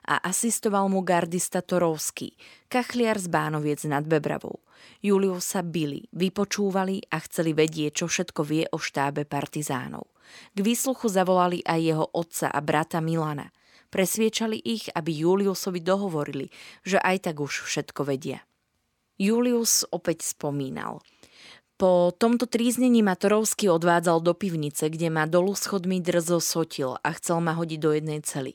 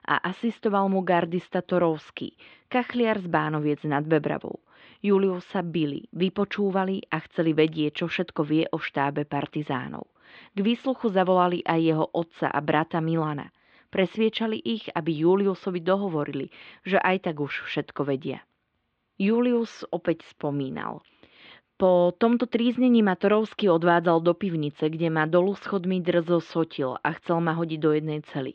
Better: first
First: none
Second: muffled; very; fading above 3.5 kHz

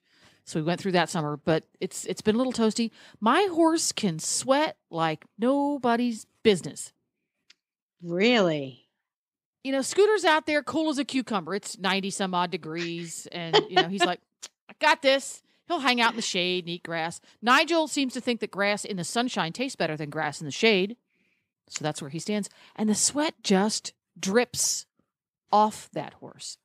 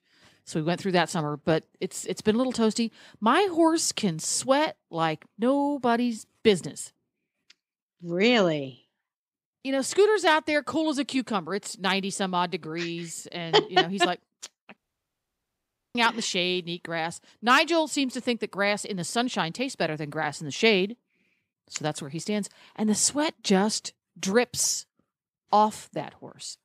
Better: first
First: none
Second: audio cutting out; at 15 s for 1 s

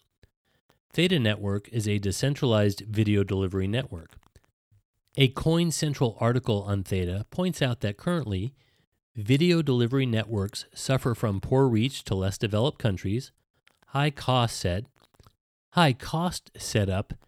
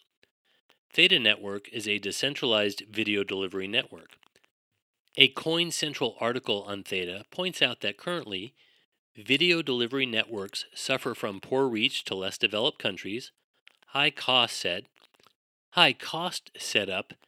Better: first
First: none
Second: thin; somewhat; fading below 300 Hz

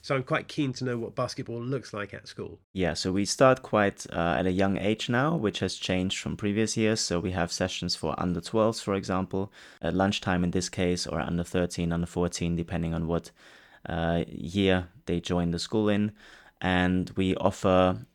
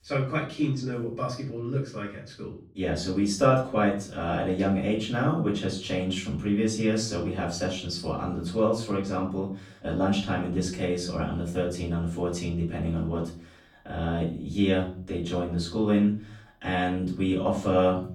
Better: first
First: none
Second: room echo; slight; dies away in 0.4 s // off-mic speech; far

